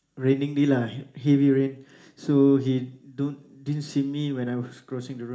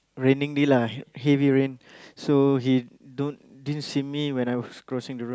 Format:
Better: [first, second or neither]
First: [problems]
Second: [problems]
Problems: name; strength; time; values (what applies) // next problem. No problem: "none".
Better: second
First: room echo; dies away in 0.4 s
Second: none